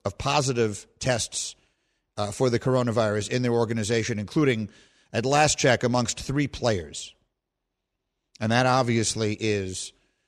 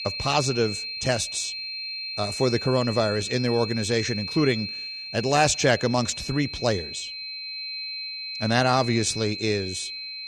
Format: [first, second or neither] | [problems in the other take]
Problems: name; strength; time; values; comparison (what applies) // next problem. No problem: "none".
first | high-pitched whine; loud; throughout; 4 kHz, 7 dB below the speech